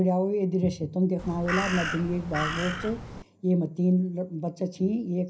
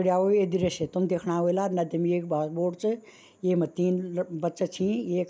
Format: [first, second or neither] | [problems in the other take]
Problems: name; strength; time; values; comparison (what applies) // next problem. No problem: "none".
second | background sound (Crow); 6 dB below the speech // room echo; dies away in 0.4 s